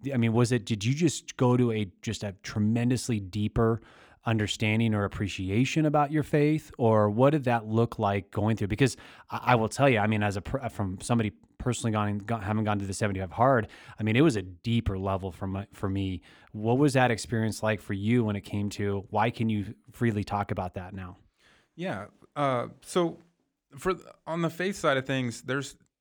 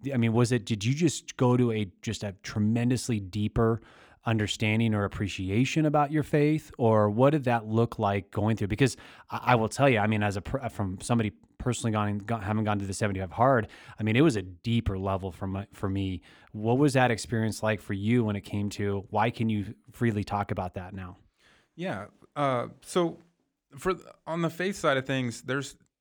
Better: neither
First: none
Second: none

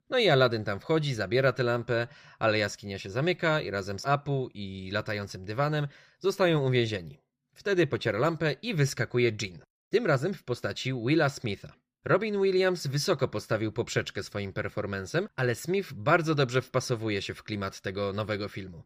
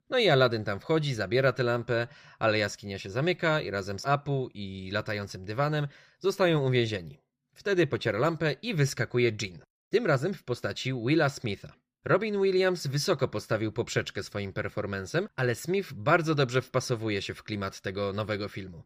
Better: neither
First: none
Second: none

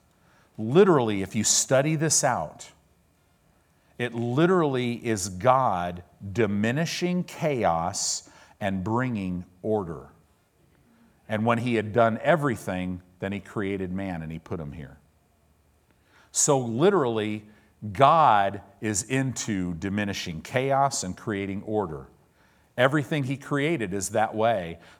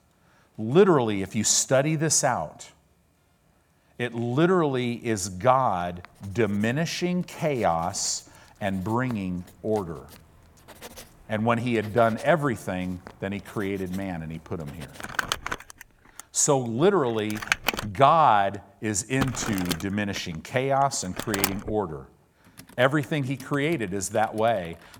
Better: first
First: none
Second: household noises; loud; from 6 s on; 8 dB below the speech

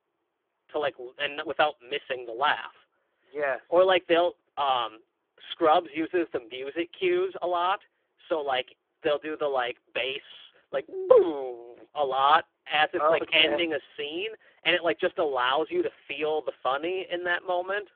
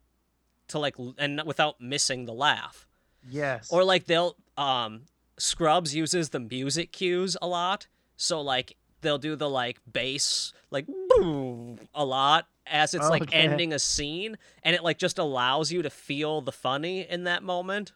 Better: second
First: phone-call audio; poor line; nothing above 3.5 kHz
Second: none

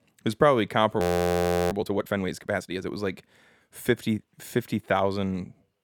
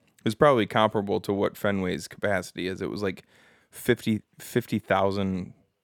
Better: second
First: audio freezing; at 1 s for 0.5 s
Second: none

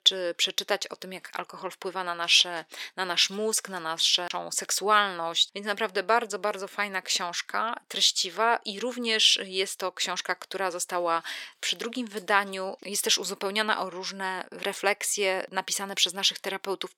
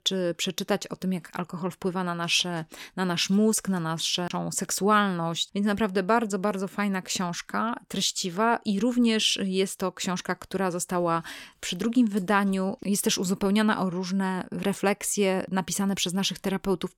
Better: second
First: thin; very; fading below 500 Hz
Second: none

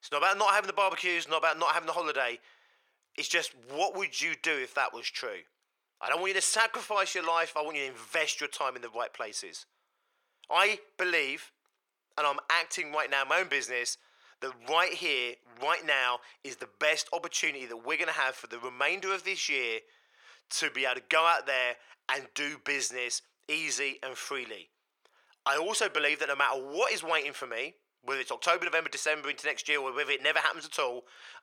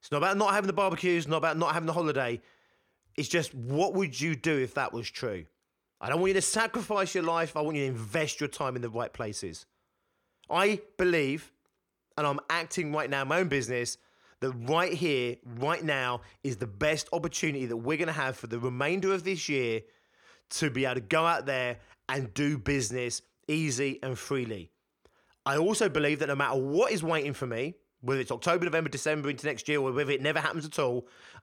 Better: second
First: thin; very; fading below 700 Hz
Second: none

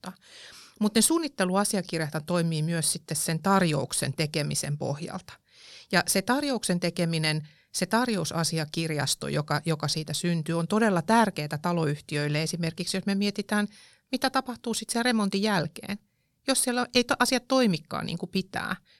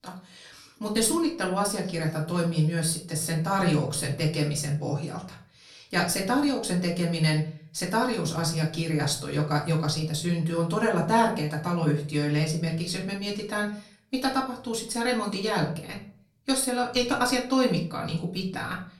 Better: first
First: none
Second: off-mic speech; far // room echo; slight; dies away in 0.4 s

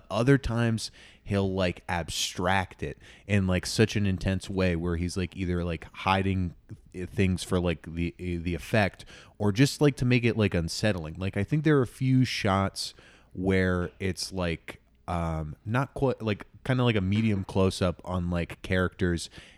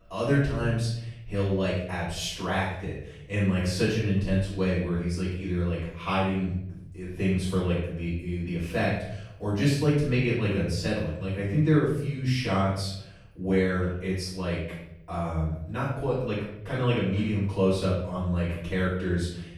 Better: first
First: none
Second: off-mic speech; far // room echo; noticeable; dies away in 0.7 s

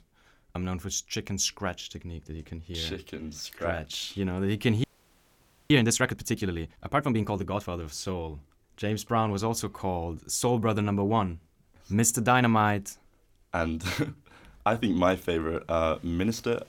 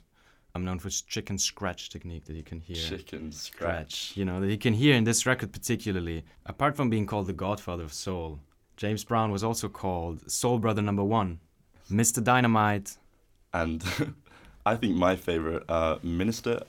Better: second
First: audio freezing; at 5 s for 1 s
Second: none

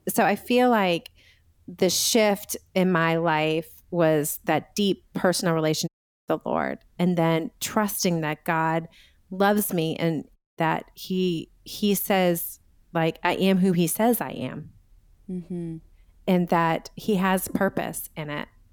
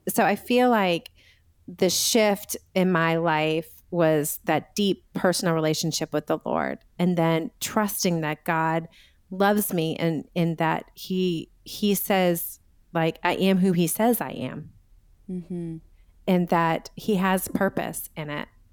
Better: second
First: audio cutting out; at 6 s and at 10 s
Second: none

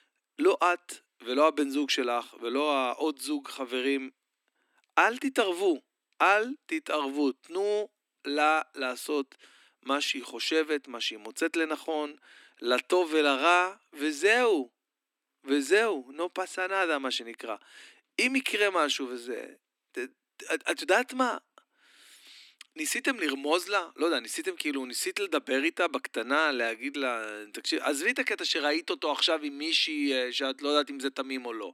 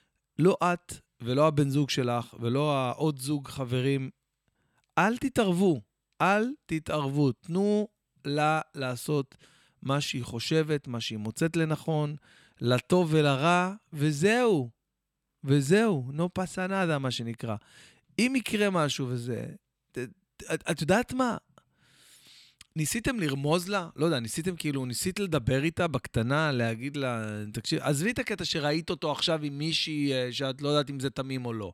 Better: second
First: thin; somewhat; fading below 250 Hz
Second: none

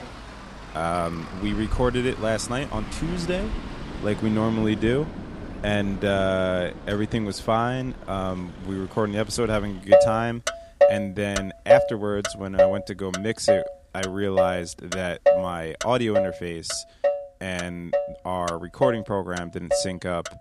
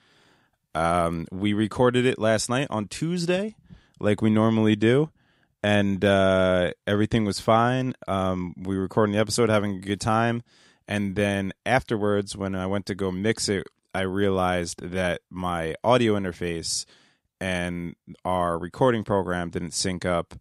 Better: second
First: traffic noise; very loud; throughout; 1 dB above the speech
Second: none

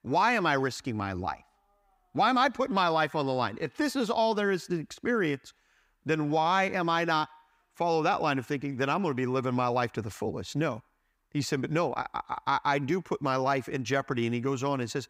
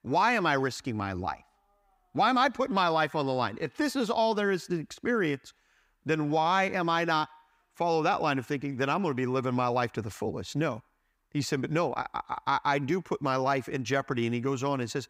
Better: neither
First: none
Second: none

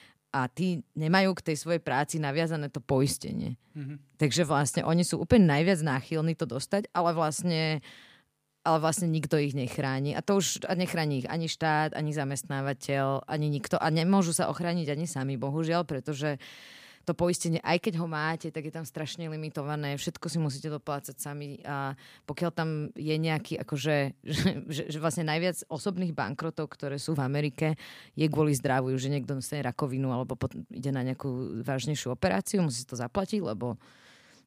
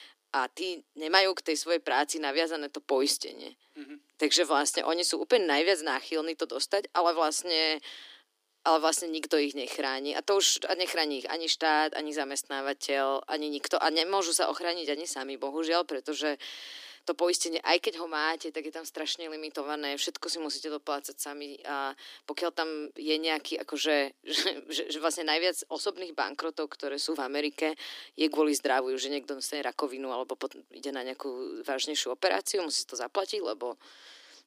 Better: first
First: none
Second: thin; somewhat; fading below 300 Hz

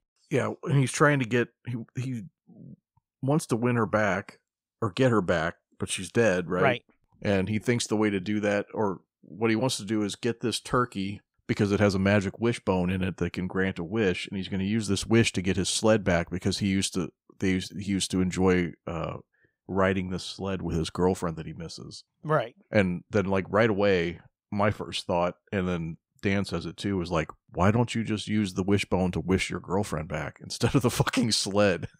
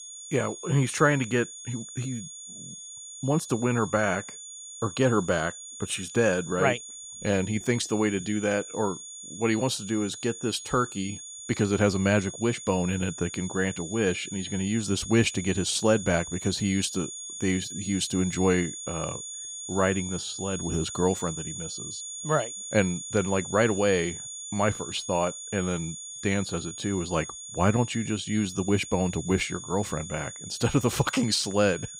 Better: first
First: none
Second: high-pitched whine; loud; throughout; 7 kHz, 10 dB below the speech

